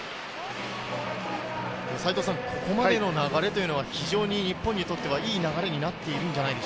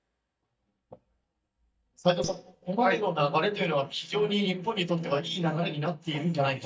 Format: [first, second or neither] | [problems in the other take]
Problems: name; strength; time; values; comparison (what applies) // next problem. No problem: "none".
first | noise reduction (neural mask model DeepFilterNet 3)